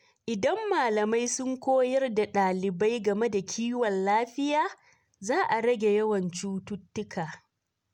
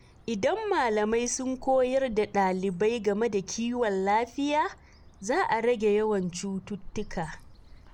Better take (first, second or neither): first